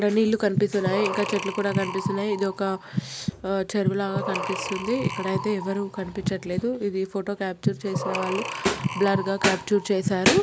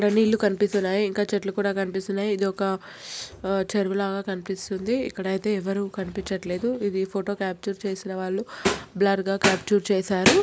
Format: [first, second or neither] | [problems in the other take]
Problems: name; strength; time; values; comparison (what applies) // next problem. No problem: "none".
second | background sound (Breathing); 5 dB below the speech